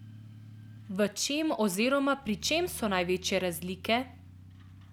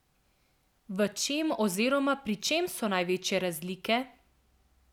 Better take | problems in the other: second | background sound (Truck); 18 dB below the speech

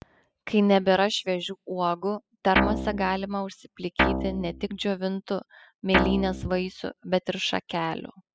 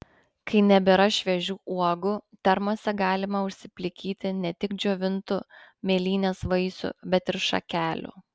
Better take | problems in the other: second | noise reduction (classical method spectral subtraction)

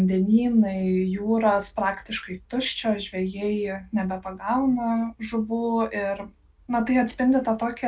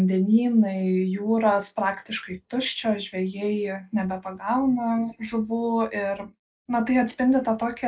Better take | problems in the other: first | noise reduction (neural mask model Resemble Enhance denoiser)

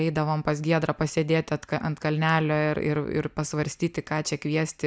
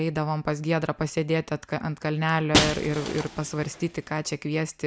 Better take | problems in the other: first | background sound (Shatter); 6 dB below the speech

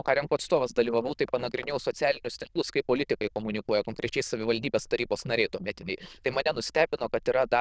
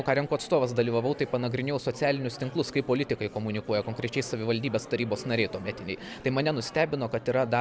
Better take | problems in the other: second | noise reduction (neural diffusion model UNIVERSE++)

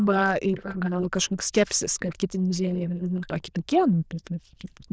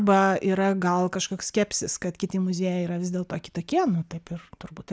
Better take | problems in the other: second | noise reduction (neural diffusion model UNIVERSE++)

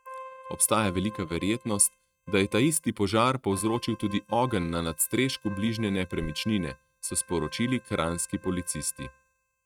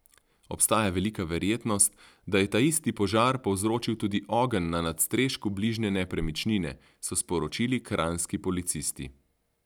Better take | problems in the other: second | noise reduction (neural mask model RNNoise)

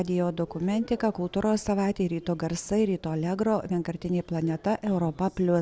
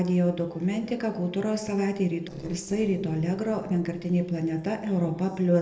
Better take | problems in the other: first | noise reduction (neural separator model SepFormer DNS4)

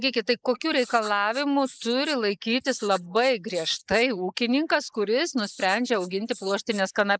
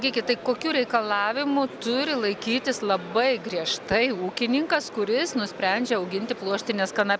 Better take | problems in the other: second | noise reduction (neural mask model Resemble Enhance denoiser)

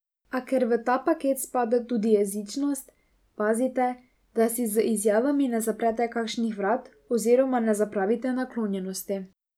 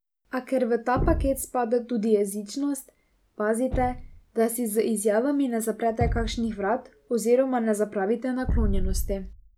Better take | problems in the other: first | background sound (Thump, thud); 6 dB below the speech

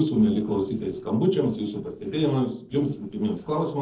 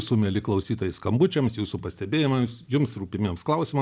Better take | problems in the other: second | noise reduction (neural separator model SepFormer DNS4)

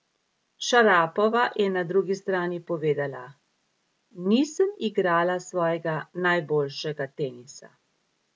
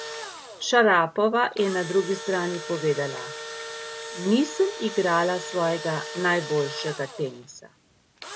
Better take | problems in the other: first | background sound (Engine / Drill); 12 dB below the speech

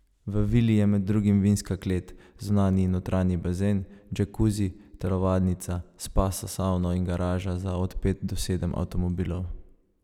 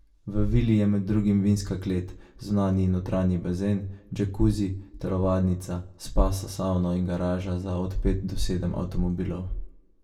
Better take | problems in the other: first | room echo; dies away in 0.2 s

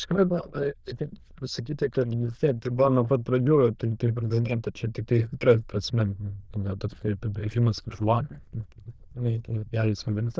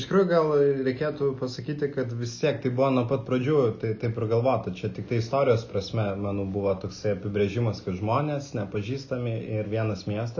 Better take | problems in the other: second | noise reduction (neural diffusion model UNIVERSE++)

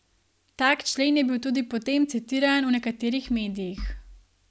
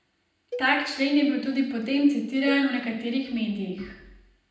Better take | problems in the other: first | background sound (Cowbell); 17 dB below the speech // room echo; dies away in 0.8 s

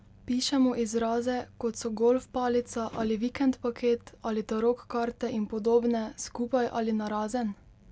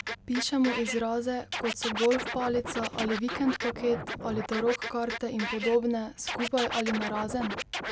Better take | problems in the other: first | background sound (Scratching (performance technique)); 6 dB below the speech

